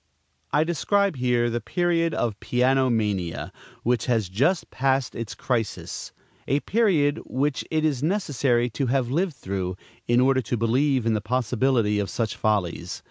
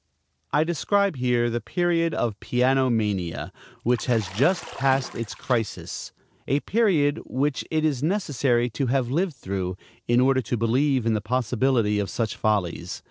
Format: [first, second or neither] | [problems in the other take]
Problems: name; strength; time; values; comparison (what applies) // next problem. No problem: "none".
first | noise reduction (neural separator model SepFormer DNS4)